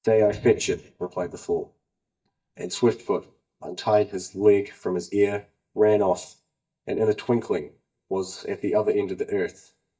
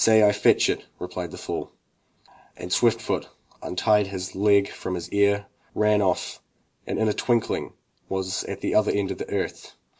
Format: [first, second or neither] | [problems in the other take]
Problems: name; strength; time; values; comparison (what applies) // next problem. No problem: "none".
second | noise reduction (neural mask model DeepFilterNet 3)